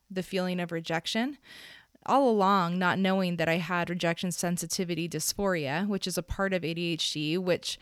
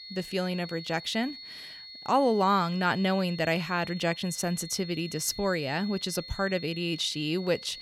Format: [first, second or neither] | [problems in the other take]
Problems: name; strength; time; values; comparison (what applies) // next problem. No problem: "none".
first | high-pitched whine; noticeable; throughout; 4.5 kHz, 15 dB below the speech